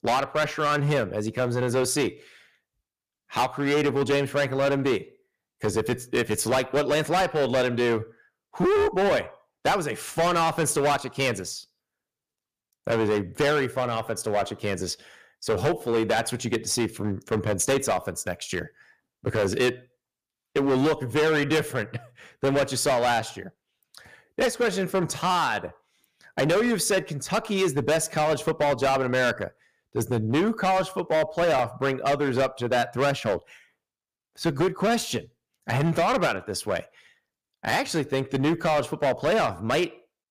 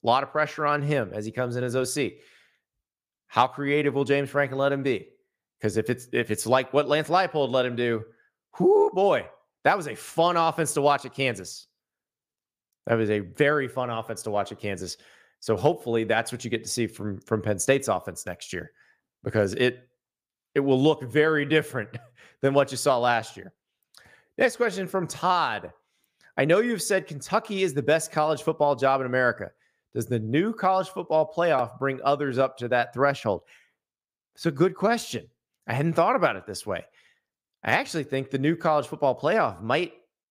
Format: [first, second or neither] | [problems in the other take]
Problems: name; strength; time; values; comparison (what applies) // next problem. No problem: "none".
second | distortion; heavy; 12% of the sound clipped